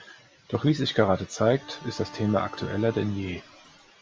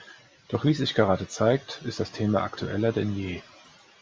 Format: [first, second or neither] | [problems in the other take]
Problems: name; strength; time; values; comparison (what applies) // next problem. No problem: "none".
second | background sound (Bowed string instrument); 20 dB below the speech